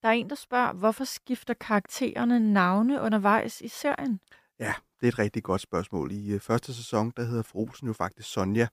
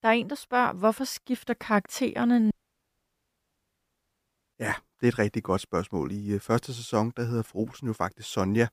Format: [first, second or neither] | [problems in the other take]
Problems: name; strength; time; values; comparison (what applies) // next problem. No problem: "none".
first | audio cutting out; at 2.5 s for 2 s